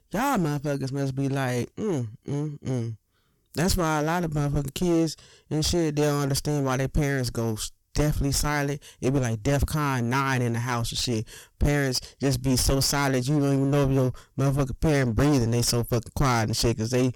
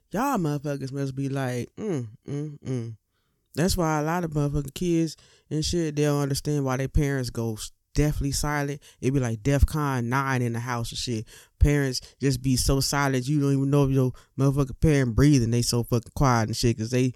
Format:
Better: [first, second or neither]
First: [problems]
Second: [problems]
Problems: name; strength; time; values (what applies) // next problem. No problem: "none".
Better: second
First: distortion; heavy; 15% of the sound clipped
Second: none